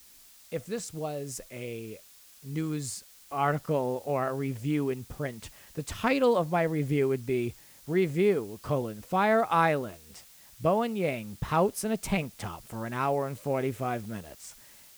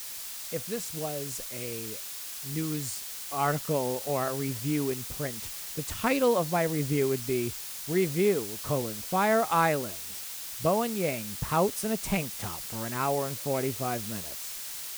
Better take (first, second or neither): first